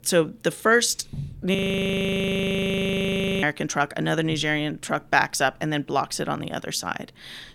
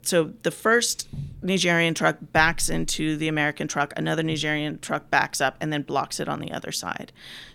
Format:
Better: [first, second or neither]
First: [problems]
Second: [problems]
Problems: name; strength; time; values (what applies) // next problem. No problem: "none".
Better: second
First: audio freezing; at 1.5 s for 2 s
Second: none